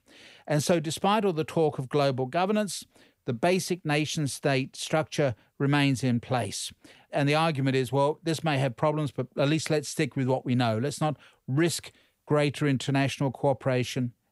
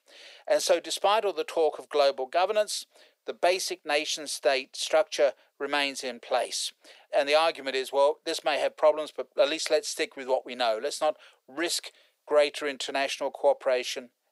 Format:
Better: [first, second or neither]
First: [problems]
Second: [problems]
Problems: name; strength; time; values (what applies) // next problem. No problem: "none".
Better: first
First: none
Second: thin; very; fading below 400 Hz